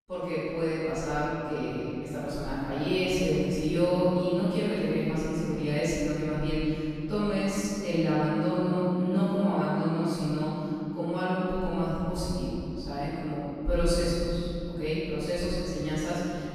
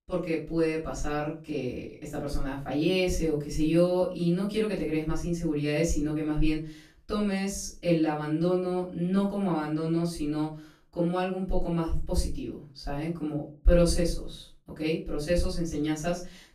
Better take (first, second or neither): second